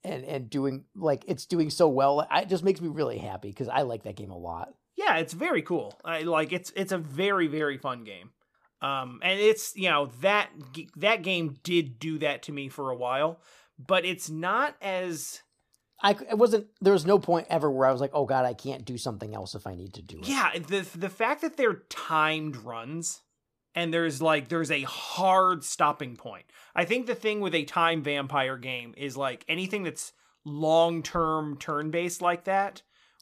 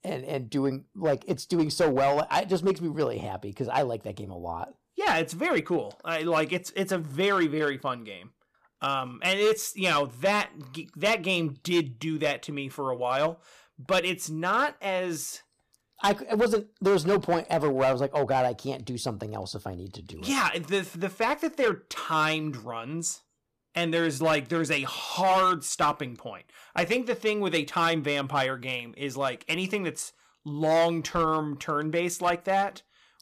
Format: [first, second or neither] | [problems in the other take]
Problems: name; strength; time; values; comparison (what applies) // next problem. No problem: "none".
first | distortion; slight; 4% of the sound clipped